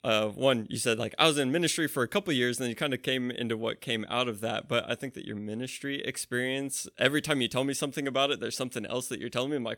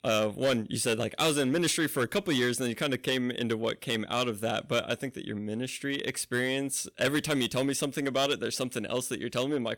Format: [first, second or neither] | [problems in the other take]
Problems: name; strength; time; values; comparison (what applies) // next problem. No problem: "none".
first | distortion; slight; 5% of the sound clipped